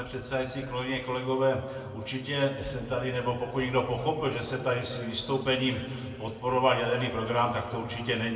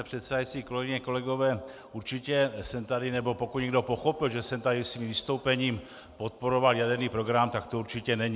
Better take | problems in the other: second | room echo; dies away in 2 s

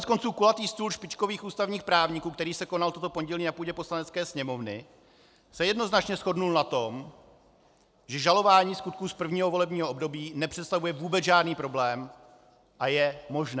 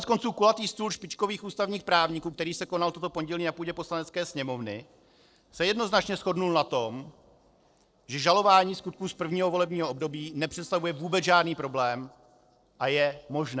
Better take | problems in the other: first | noise reduction (neural separator model SepFormer DNS4)

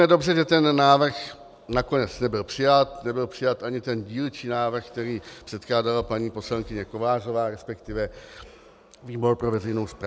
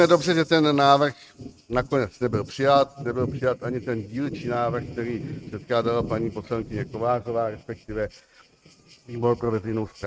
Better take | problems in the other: first | noise reduction (neural mask model RNNoise)

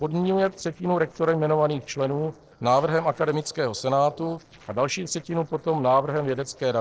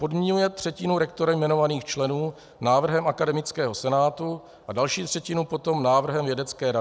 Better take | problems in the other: second | noise reduction (neural separator model SepFormer DNS4)

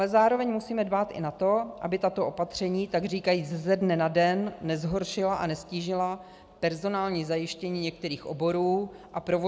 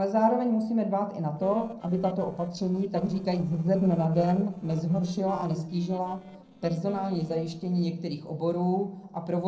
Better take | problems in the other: first | noise reduction (neural separator model SepFormer DNS4)

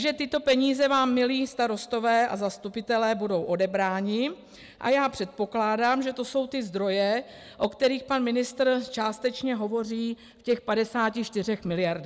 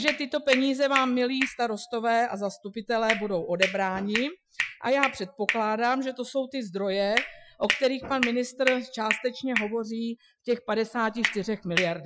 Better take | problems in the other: first | noise reduction (classical method Wiener filter)

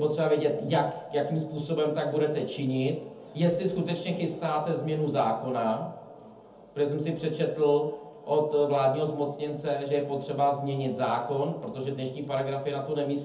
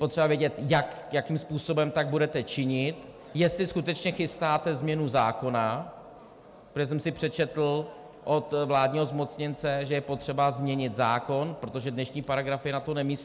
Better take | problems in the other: second | room echo; dies away in 0.6 s

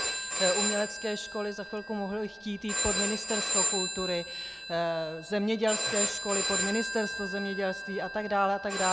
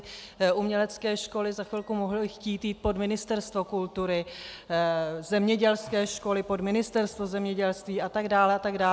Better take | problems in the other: second | background sound (Telephone); 1 dB below the speech

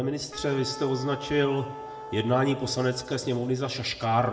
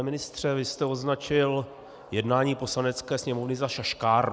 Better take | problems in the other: second | background sound (Wind instrument, woodwind instrument); 14 dB below the speech // room echo; dies away in 0.6 s

